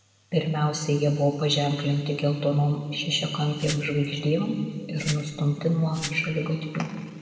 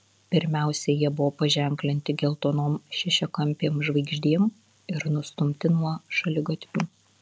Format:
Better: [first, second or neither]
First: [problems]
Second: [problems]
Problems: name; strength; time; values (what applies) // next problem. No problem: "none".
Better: second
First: background sound (Glass); 15 dB below the speech // room echo; dies away in 2.2 s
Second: none